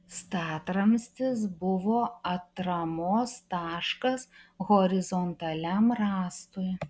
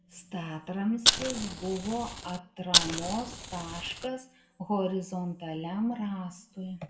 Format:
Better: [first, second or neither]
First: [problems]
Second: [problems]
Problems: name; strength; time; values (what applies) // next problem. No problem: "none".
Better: first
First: none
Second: background sound (Fire); 4 dB above the speech // room echo; dies away in 0.4 s